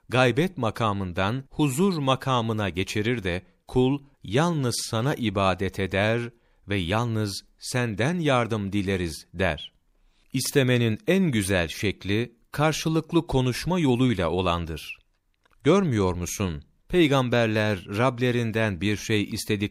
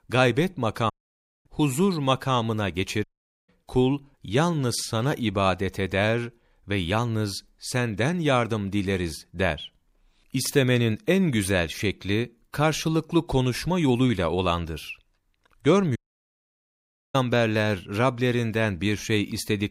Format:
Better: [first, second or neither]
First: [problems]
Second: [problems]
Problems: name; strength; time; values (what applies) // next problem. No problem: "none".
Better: first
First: none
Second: audio cutting out; at 1 s for 0.5 s, at 3 s and at 16 s for 1 s